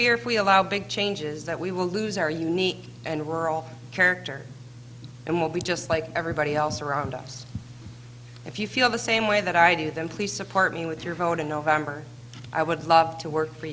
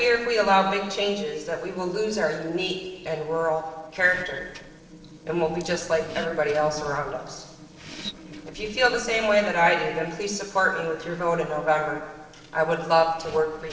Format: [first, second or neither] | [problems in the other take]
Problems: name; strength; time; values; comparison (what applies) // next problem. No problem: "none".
first | noise reduction (neural separator model SepFormer DNS4)